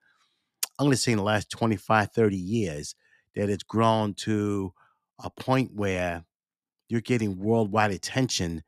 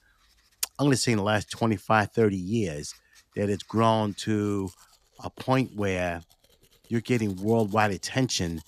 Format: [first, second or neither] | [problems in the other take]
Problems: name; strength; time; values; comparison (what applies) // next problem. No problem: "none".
first | household noises; faint; throughout; 30 dB below the speech